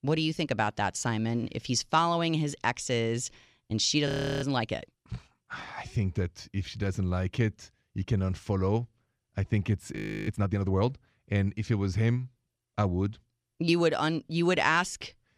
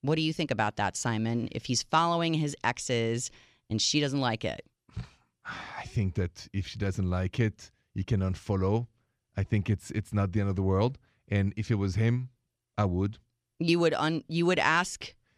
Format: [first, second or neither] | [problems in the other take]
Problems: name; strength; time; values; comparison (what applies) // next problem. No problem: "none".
second | audio freezing; at 4 s and at 10 s